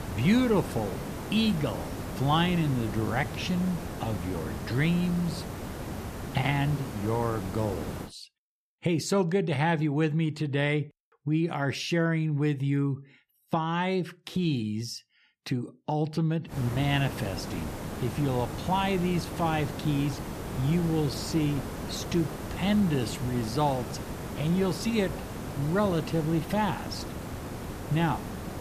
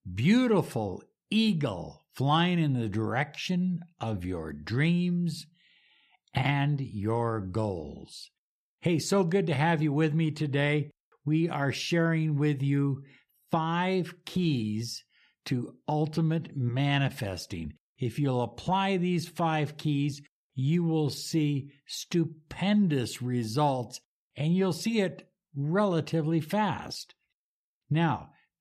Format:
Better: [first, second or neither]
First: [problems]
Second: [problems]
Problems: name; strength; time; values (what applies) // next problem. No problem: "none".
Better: second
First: hiss; loud; until 8 s and from 17 s on; 8 dB below the speech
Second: none